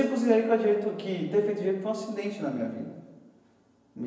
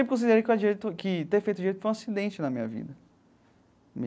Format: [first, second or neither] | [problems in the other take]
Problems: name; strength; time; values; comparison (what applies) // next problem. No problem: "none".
second | room echo; dies away in 1 s